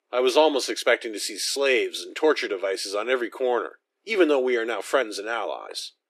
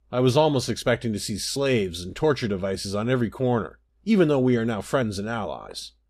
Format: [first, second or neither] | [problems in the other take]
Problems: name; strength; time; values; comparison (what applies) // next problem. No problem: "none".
second | thin; very; fading below 300 Hz